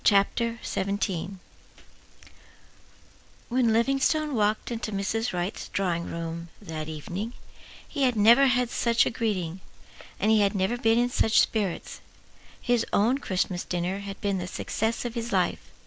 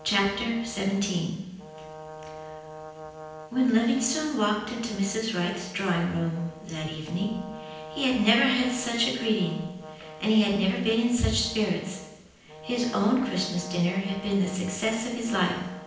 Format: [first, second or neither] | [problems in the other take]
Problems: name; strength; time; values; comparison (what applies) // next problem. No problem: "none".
first | background sound (Brass instrument); 16 dB below the speech // room echo; dies away in 0.9 s